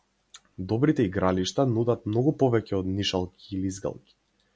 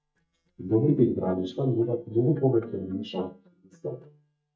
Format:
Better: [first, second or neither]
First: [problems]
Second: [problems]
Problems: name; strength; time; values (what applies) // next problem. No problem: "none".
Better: first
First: none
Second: noise reduction (neural mask model DeepFilterNet 3)